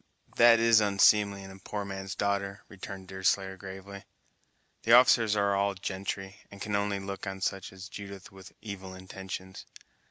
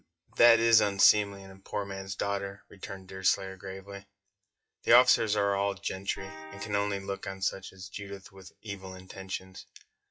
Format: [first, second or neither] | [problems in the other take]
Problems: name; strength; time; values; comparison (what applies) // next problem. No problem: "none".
first | noise reduction (classical method WPE with log-MMSE)